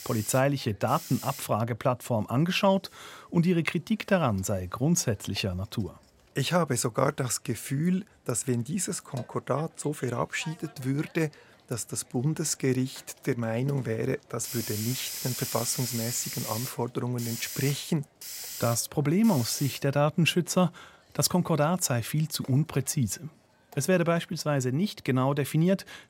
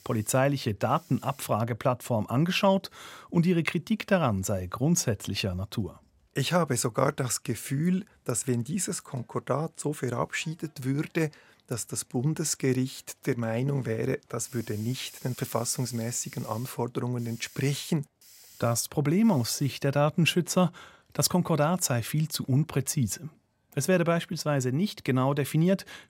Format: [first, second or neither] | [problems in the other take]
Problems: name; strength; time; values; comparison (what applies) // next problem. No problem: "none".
second | hiss; loud; throughout; 8 dB below the speech; faint in the second